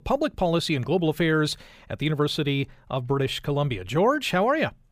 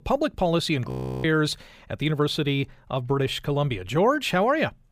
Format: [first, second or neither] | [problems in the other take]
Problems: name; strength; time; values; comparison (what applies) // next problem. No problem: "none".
first | audio freezing; at 1 s